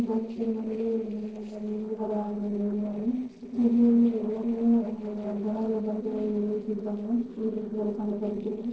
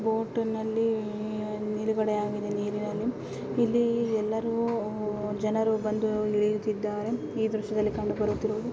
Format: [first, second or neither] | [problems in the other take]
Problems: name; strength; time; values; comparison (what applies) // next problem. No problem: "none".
second | noise reduction (neural separator model SepFormer DNS4)